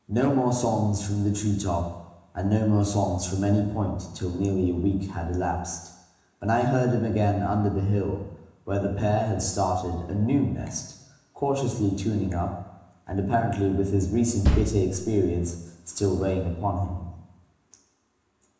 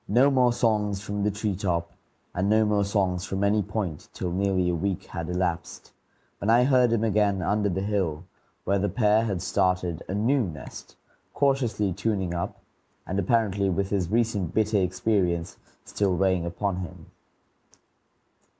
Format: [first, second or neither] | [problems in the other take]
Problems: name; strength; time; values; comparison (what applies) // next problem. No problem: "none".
second | background sound (Bass drum); as loud as the speech // room echo; dies away in 1 s